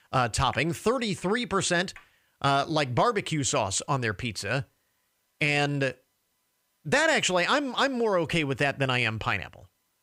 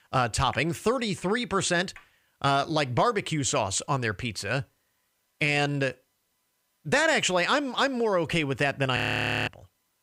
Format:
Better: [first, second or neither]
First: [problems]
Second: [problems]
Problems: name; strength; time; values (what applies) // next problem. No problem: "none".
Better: first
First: none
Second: audio freezing; at 9 s for 0.5 s